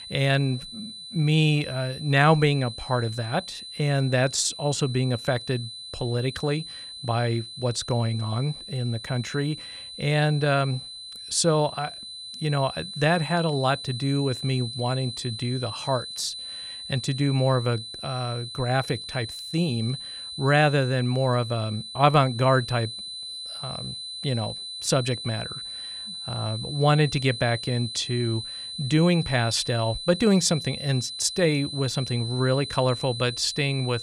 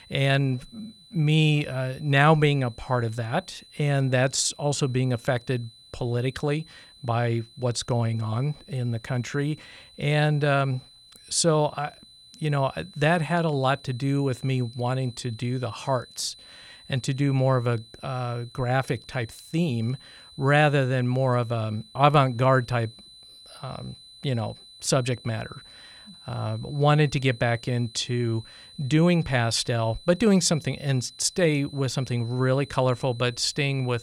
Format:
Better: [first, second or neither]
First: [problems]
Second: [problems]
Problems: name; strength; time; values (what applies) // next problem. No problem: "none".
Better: second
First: high-pitched whine; loud; throughout; 4 kHz, 9 dB below the speech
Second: high-pitched whine; faint; throughout; 4 kHz, 20 dB below the speech